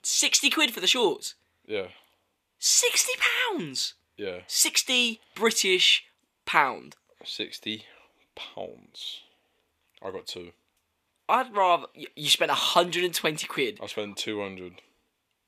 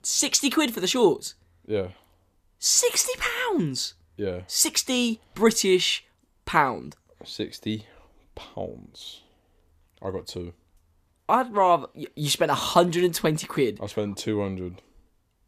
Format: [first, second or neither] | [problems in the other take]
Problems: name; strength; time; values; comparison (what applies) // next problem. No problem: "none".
second | thin; very slightly; fading below 1 kHz